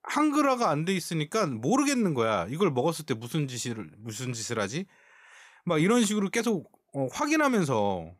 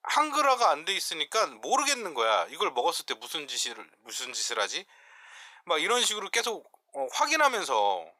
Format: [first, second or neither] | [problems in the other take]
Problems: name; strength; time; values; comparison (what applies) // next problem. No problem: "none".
first | thin; very; fading below 550 Hz